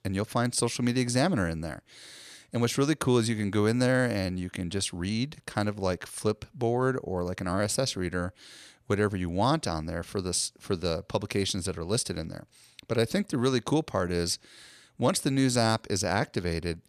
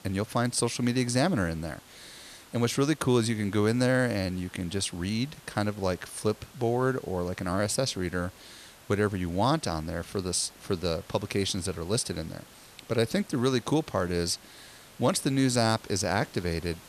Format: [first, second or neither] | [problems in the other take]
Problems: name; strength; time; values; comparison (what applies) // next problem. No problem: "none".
first | hiss; faint; throughout; 20 dB below the speech